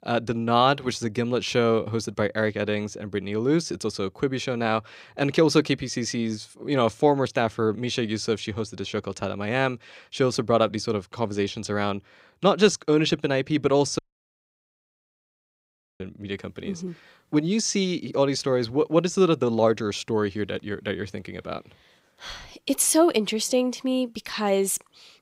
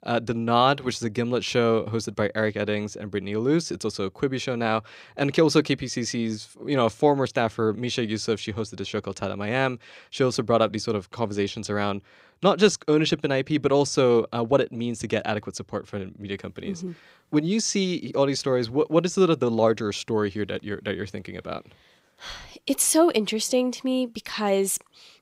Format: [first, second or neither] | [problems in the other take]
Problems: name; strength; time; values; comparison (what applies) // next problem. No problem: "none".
second | audio cutting out; at 14 s for 2 s